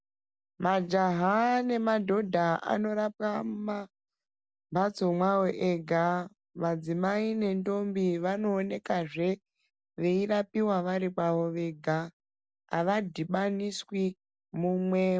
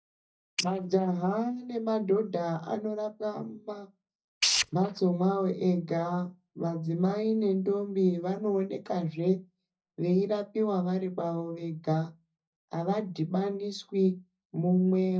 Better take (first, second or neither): first